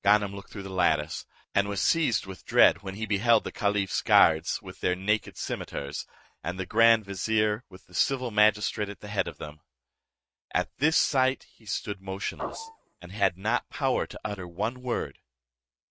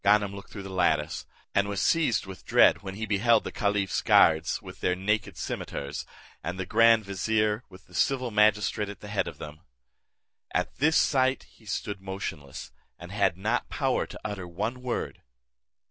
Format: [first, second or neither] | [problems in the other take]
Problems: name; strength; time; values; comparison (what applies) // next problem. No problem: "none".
second | noise reduction (neural mask model RNNoise)